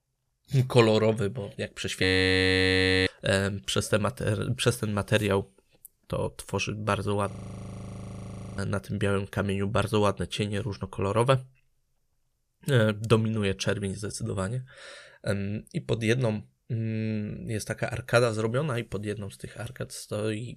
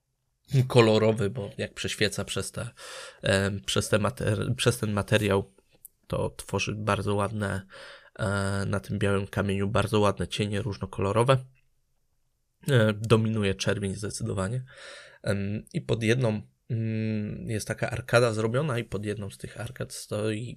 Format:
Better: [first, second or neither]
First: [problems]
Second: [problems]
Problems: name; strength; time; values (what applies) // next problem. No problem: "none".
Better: second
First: audio freezing; at 2 s for 1 s and at 7.5 s for 1.5 s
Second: none